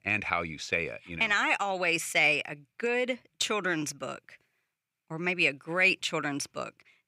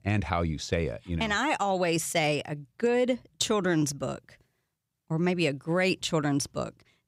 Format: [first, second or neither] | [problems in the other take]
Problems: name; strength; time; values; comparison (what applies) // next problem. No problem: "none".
second | thin; very slightly; fading below 350 Hz